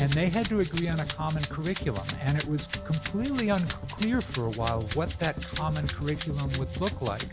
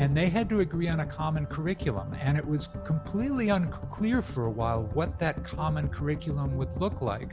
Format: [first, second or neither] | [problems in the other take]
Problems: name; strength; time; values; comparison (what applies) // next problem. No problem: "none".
second | background sound (Rattle (instrument)); 12 dB below the speech